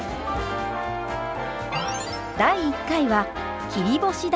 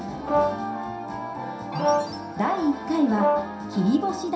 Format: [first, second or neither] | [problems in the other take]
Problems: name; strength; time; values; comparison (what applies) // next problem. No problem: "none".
first | background sound (Brass instrument); as loud as the speech // room echo; dies away in 0.7 s